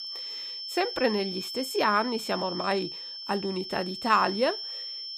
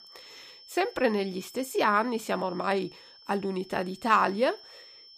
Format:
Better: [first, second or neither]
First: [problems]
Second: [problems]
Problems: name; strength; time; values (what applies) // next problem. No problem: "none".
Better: second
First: high-pitched whine; loud; throughout; 5.5 kHz, 6 dB below the speech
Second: high-pitched whine; faint; throughout; 5.5 kHz, 20 dB below the speech